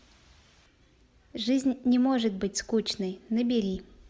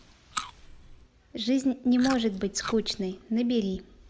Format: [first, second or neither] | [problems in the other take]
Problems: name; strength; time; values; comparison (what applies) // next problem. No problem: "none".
first | background sound (Chewing, mastication); 14 dB below the speech